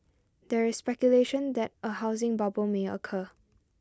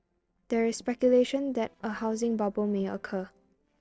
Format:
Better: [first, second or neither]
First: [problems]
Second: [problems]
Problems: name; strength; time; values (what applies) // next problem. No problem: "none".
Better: first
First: none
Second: noise reduction (neural separator model SepFormer DNS4)